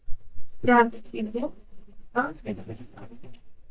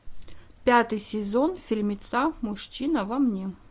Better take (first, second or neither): second